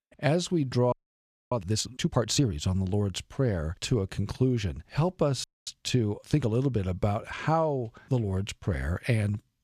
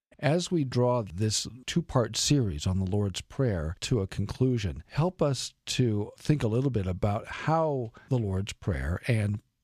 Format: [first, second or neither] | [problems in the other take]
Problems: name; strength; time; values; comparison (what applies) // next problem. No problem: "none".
second | audio freezing; at 1 s for 0.5 s and at 5.5 s